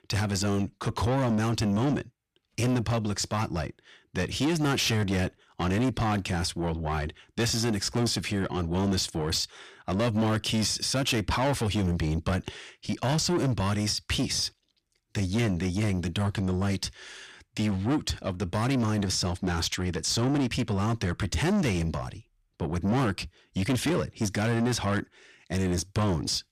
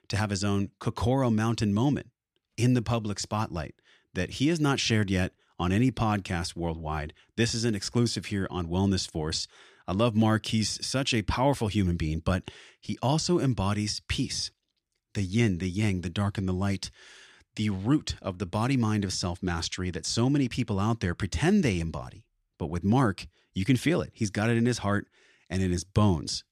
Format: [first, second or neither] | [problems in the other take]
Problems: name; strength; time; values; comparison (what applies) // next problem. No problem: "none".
second | distortion; heavy; 7 dB below the speech